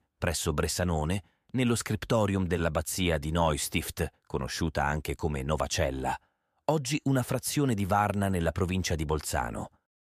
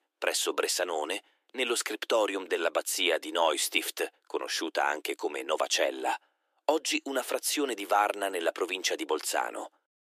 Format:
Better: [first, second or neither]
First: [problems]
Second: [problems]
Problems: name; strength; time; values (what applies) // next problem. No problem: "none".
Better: first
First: none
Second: thin; very; fading below 300 Hz